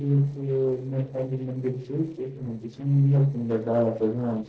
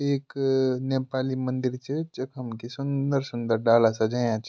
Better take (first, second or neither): second